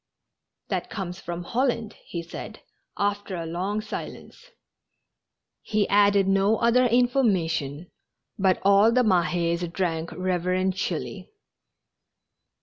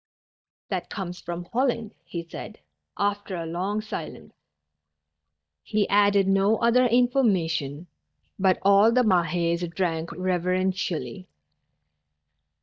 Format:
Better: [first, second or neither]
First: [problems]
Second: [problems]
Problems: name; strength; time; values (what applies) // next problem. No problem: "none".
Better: first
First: none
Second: noise reduction (neural mask model DeepFilterNet 3)